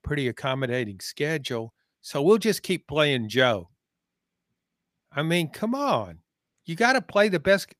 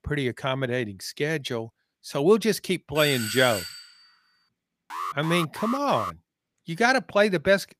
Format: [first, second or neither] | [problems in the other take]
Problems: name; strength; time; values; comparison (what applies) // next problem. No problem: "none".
first | doorbell; noticeable; at 3 s; peak 5 dB below the speech // alarm; noticeable; from 5 to 6 s; peak 7 dB below the speech